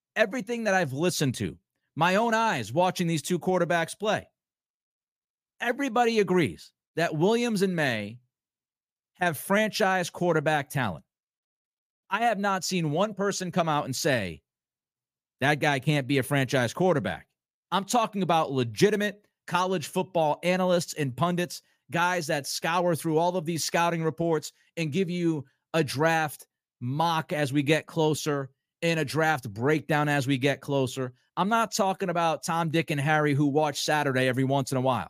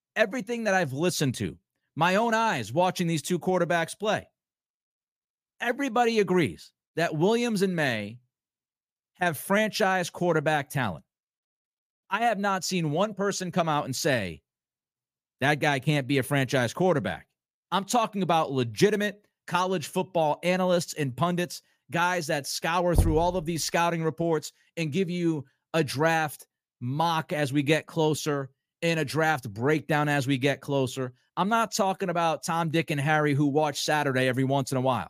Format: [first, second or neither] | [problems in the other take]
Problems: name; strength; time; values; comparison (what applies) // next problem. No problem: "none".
first | door banging; noticeable; at 23 s; peak 1 dB below the speech